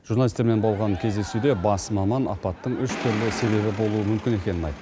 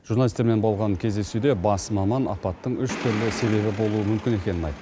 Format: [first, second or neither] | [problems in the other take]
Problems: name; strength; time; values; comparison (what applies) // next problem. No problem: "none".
second | background sound (Cheering); 19 dB below the speech